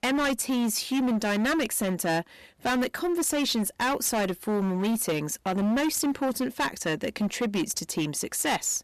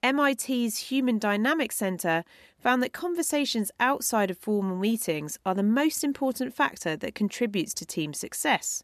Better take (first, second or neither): second